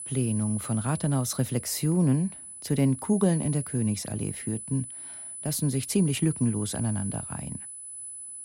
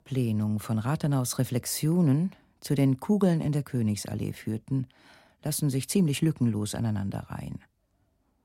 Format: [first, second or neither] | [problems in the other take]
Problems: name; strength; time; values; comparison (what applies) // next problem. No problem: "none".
second | high-pitched whine; loud; throughout; 10 kHz, 9 dB below the speech